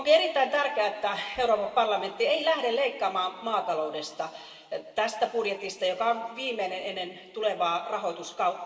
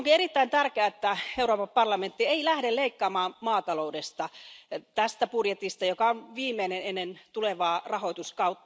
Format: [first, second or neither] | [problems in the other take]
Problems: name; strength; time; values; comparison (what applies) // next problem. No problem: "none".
second | room echo; dies away in 2.3 s